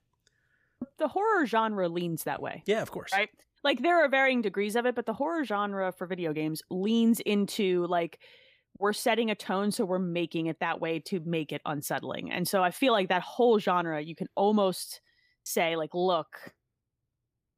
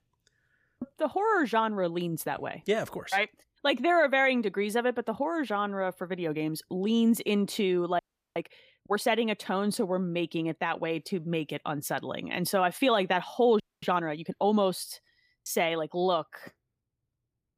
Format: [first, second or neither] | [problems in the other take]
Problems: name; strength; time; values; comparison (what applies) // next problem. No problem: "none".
first | audio freezing; at 8 s and at 14 s